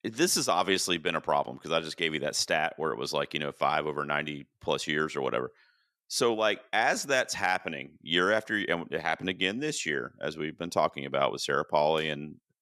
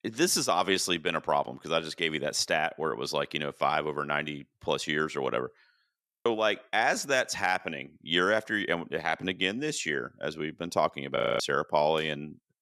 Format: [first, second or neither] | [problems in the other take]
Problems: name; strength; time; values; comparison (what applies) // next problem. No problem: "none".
first | audio freezing; at 6 s and at 11 s